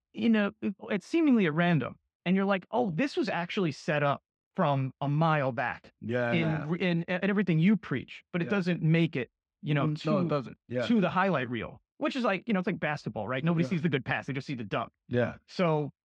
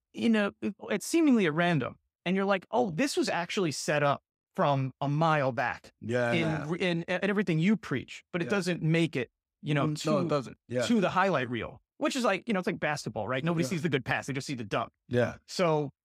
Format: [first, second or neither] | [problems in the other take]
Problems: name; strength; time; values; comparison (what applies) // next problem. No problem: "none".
second | muffled; very slightly; fading above 3 kHz